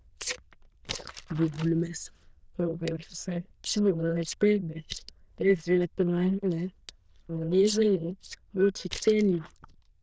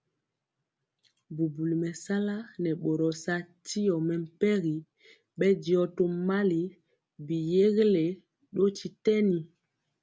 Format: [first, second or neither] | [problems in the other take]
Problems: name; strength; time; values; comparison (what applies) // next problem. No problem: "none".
second | noise reduction (neural diffusion model UNIVERSE++)